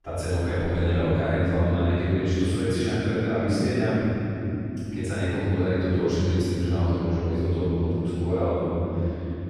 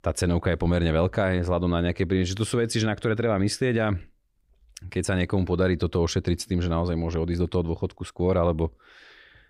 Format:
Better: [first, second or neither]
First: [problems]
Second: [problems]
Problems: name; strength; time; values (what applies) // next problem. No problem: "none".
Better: second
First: room echo; strong; dies away in 3 s // off-mic speech; far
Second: none